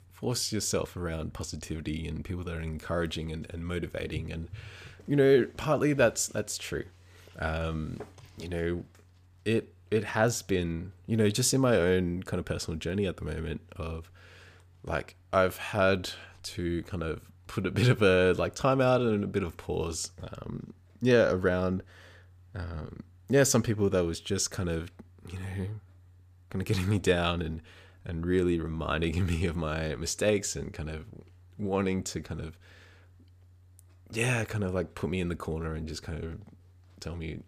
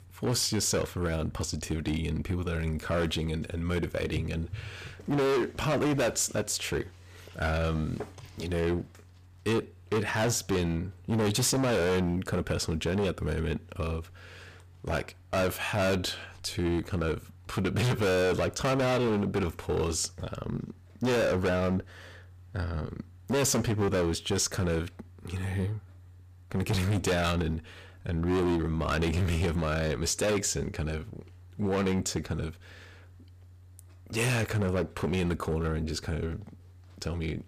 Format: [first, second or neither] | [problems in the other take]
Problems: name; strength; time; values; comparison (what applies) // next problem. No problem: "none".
first | distortion; heavy; 14% of the sound clipped